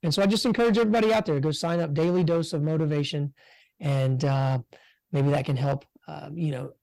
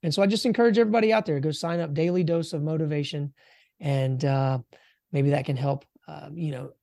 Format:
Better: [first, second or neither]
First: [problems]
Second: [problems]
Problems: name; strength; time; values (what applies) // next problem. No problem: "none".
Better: second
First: distortion; slight; 9% of the sound clipped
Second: none